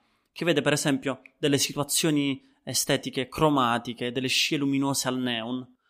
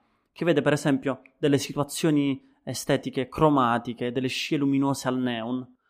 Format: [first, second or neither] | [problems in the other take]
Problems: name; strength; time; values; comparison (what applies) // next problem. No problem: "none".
first | muffled; slightly; fading above 2 kHz